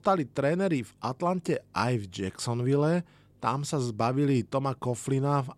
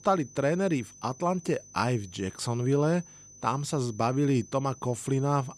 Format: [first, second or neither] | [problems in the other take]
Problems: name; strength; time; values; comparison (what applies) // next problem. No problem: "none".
first | high-pitched whine; faint; throughout; 6 kHz, 20 dB below the speech